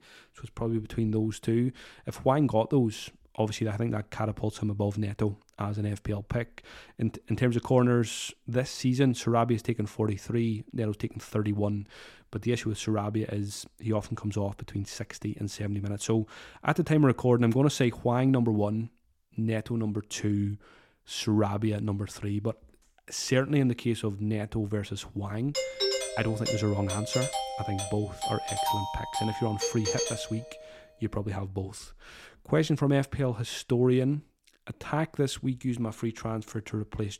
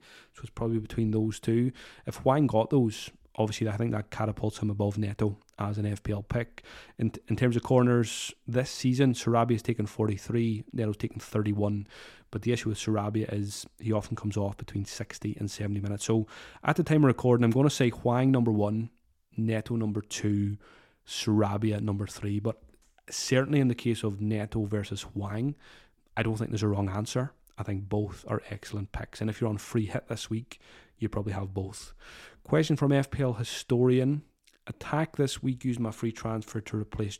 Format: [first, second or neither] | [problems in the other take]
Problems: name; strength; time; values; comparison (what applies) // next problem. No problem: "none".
second | doorbell; loud; from 26 to 30 s; peak 1 dB above the speech